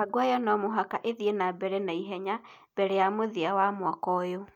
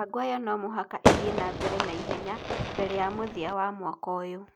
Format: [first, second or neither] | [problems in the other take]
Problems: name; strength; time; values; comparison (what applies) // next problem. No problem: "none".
first | background sound (Fireworks); 4 dB above the speech